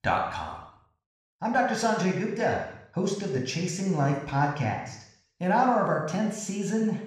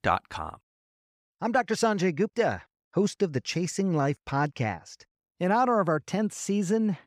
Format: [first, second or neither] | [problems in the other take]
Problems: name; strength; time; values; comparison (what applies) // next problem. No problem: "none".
second | room echo; noticeable; dies away in 0.7 s // off-mic speech; somewhat distant